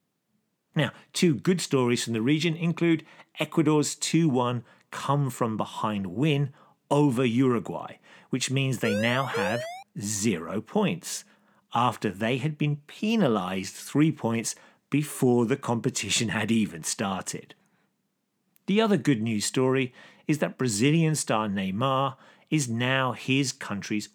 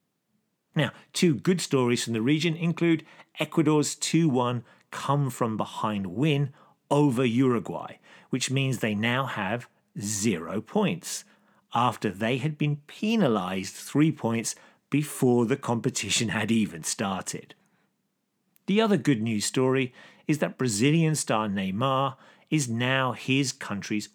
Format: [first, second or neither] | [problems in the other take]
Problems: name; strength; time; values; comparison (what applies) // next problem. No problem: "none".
second | siren; noticeable; at 9 s; peak 5 dB below the speech